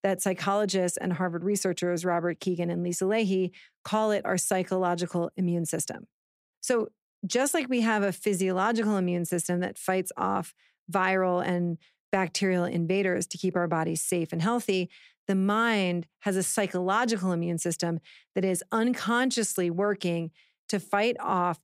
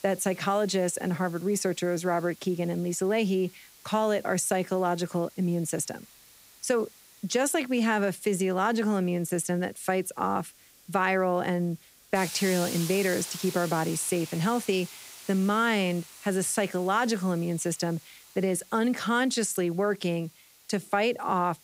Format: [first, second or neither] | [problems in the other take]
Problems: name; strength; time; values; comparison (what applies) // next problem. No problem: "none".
first | hiss; noticeable; throughout; 15 dB below the speech